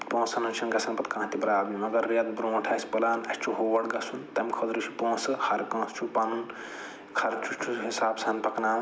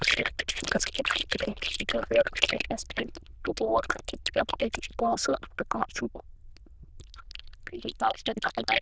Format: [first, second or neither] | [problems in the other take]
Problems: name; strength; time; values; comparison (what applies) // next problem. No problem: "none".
first | noise reduction (neural diffusion model UNIVERSE++)